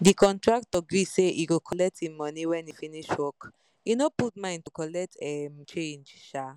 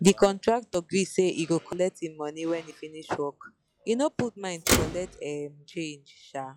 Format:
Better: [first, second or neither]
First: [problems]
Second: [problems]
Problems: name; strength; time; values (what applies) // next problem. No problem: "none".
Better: first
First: none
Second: noise reduction (classical method log-MMSE)